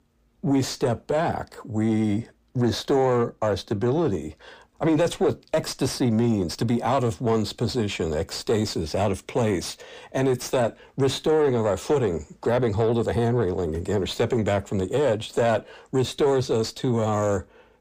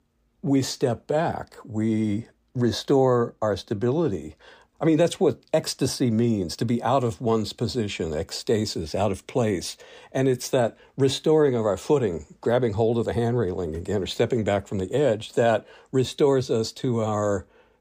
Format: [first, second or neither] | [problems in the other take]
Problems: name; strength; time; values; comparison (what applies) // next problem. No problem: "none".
second | distortion; slight; 10 dB below the speech